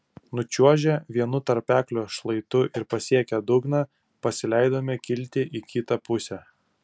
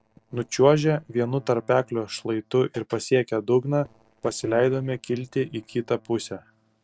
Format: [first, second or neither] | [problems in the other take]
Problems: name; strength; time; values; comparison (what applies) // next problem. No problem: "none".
first | noise reduction (neural separator model SepFormer DNS4)